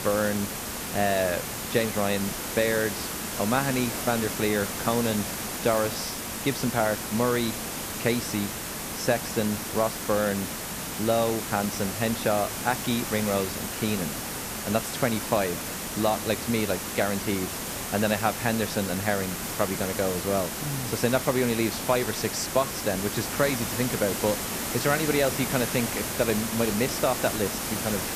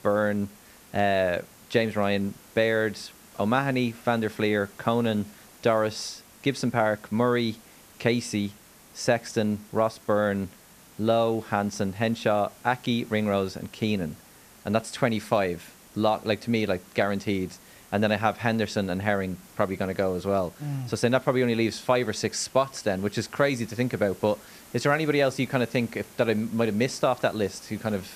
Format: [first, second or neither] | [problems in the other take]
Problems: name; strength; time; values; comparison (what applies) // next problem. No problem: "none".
second | hiss; loud; throughout; 3 dB below the speech; faint in the second